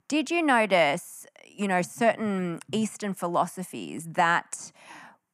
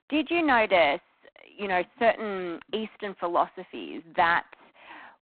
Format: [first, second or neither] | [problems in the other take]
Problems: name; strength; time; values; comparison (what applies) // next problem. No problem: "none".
first | phone-call audio; poor line; nothing above 4 kHz